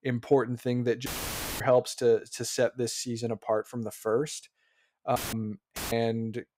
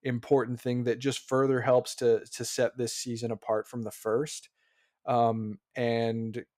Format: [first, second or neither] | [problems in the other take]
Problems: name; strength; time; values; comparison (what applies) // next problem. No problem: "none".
second | audio cutting out; filled with static; at 1 s for 0.5 s, at 5 s and at 6 s